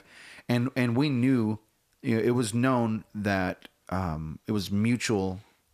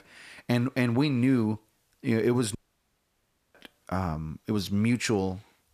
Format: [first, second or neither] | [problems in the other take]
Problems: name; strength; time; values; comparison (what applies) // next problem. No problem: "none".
first | audio cutting out; at 2.5 s for 1 s